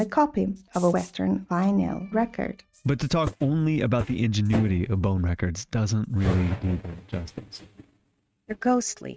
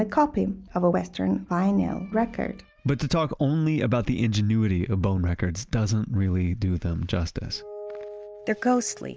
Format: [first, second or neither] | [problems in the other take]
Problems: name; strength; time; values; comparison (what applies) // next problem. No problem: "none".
second | noise reduction (neural mask model RNNoise)